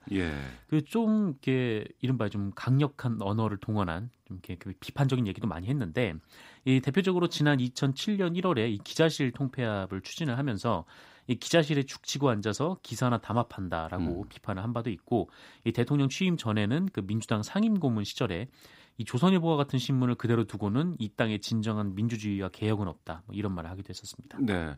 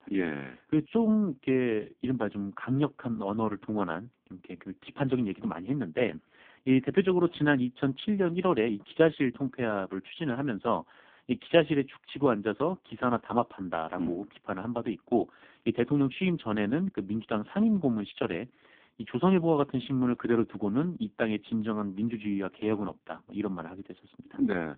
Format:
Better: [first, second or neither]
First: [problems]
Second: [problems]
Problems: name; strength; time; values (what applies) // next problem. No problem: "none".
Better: first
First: none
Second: phone-call audio; poor line